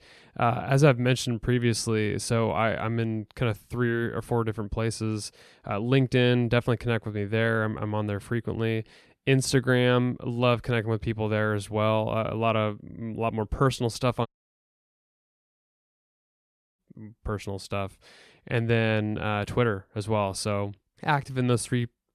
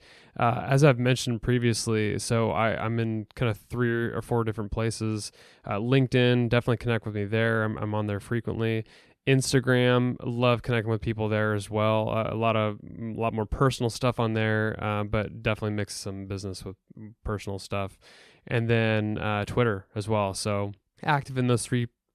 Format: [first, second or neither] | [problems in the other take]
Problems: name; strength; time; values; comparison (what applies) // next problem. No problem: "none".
second | audio cutting out; at 14 s for 2.5 s